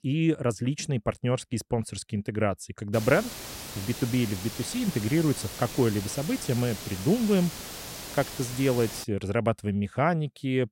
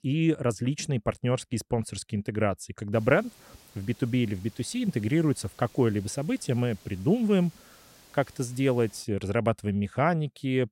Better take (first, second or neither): second